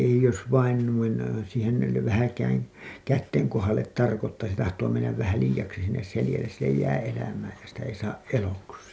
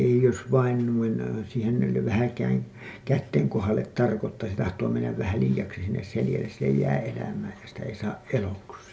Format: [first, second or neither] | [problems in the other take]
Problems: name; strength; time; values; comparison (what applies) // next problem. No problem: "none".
first | room echo; dies away in 2.4 s